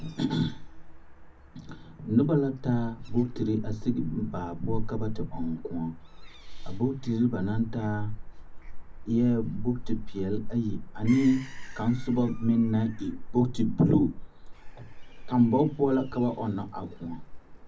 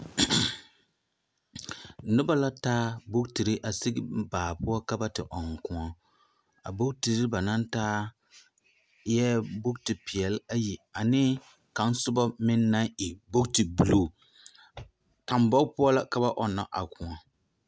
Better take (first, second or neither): second